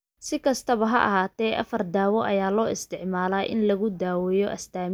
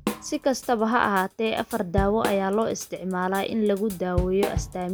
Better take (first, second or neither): first